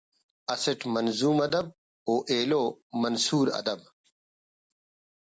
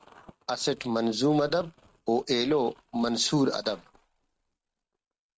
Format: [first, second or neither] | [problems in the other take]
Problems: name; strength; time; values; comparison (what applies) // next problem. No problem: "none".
first | noise reduction (neural mask model RNNoise)